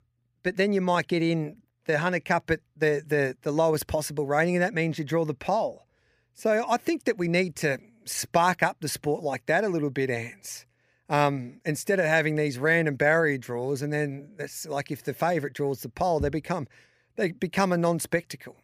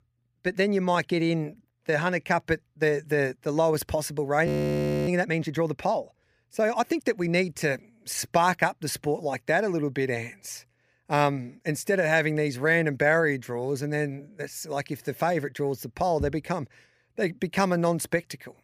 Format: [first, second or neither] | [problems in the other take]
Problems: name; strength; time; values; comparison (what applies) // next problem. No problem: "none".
first | audio freezing; at 4.5 s for 0.5 s